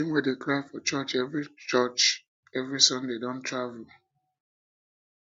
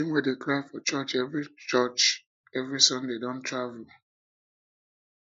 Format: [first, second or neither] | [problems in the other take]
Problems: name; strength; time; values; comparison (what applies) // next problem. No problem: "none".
first | noise reduction (neural mask model Resemble Enhance denoiser)